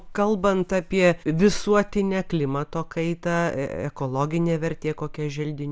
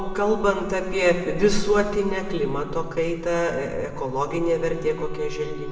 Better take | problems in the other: first | background sound (Wind instrument, woodwind instrument); 14 dB below the speech // room echo; dies away in 1.6 s

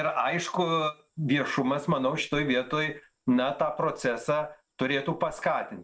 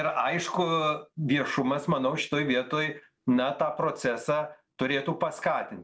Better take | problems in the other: second | noise reduction (neural mask model RNNoise)

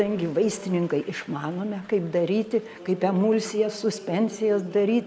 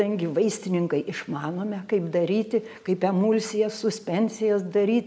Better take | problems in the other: second | background sound (Applause); 18 dB below the speech

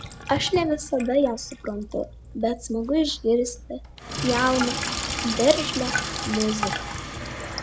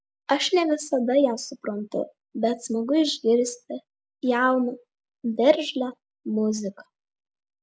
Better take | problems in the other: second | background sound (Sink (filling or washing)); 6 dB below the speech

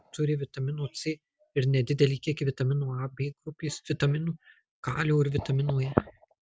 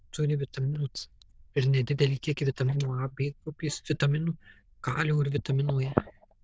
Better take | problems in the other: first | noise reduction (neural diffusion model UNIVERSE++)

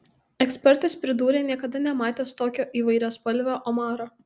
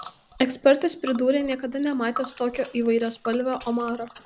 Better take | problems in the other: first | background sound (Tick); 18 dB below the speech

